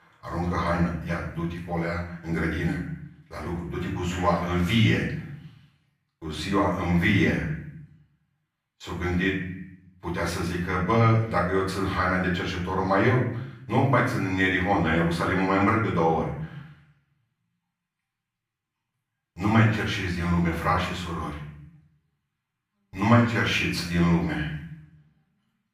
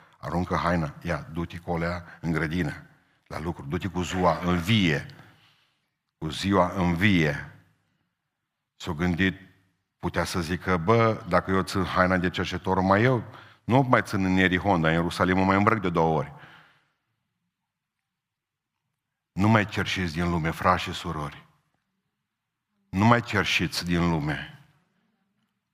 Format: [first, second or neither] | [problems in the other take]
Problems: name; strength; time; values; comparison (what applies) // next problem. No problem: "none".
second | off-mic speech; far // room echo; noticeable; dies away in 0.6 s